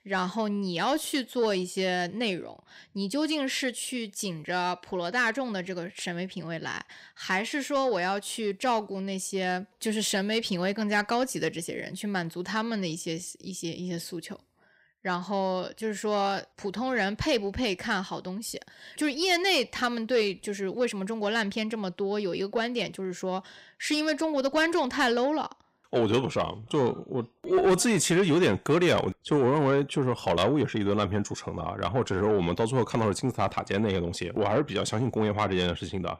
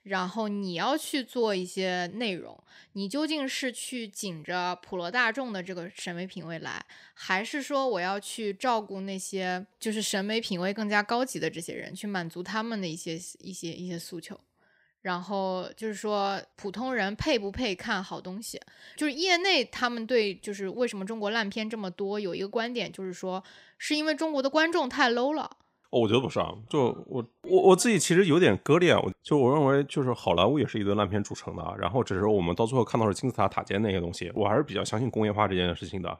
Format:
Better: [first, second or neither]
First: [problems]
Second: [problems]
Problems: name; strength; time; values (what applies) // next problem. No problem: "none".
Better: second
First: distortion; slight; 10 dB below the speech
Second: none